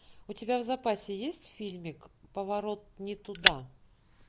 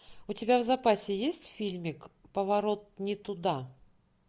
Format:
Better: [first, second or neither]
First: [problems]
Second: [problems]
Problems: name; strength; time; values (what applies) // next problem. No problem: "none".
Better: second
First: background sound (Fire); 1 dB below the speech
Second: none